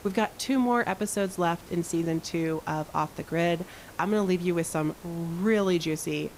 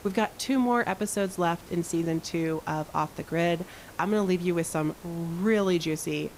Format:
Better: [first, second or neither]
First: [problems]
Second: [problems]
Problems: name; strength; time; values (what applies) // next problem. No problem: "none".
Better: neither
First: hiss; faint; throughout; 20 dB below the speech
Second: hiss; faint; throughout; 20 dB below the speech